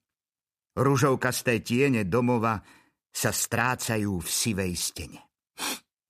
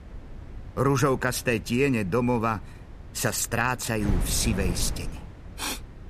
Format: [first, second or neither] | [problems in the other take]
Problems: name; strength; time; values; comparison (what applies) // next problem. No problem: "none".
first | wind noise on the microphone; occasional gusts; 20 dB below the speech